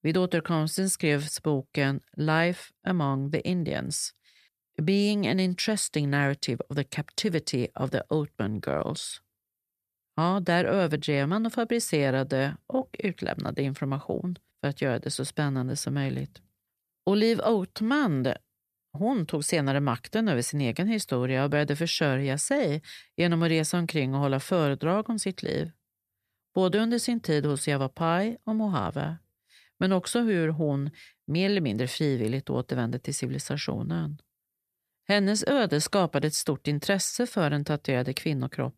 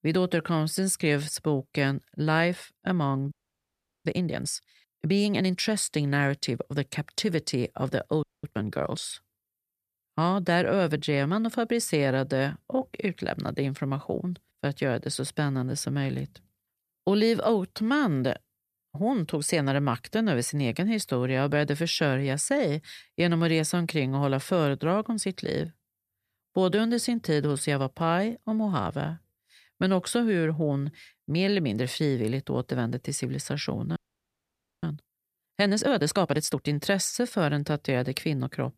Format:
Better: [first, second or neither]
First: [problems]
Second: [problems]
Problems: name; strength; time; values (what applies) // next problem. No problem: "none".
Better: first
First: none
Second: audio freezing; at 3.5 s for 0.5 s, at 8 s and at 34 s for 1 s